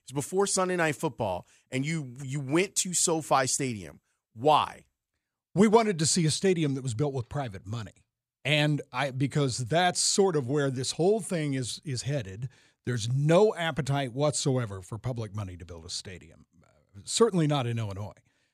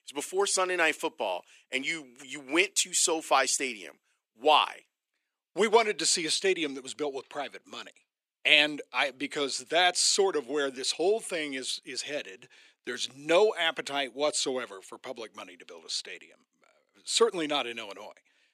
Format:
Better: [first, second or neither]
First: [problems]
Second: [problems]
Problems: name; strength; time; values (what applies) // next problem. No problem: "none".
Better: first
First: none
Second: thin; somewhat; fading below 300 Hz